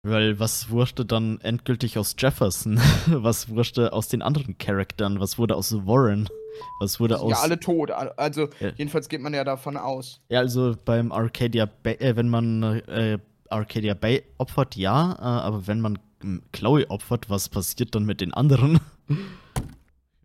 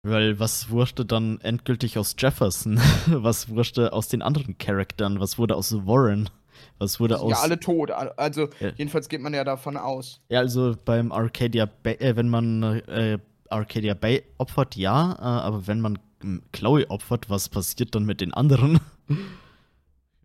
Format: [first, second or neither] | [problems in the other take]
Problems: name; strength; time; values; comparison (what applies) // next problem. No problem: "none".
second | alarm; faint; at 6.5 s; peak 15 dB below the speech // door banging; noticeable; at 20 s; peak 10 dB below the speech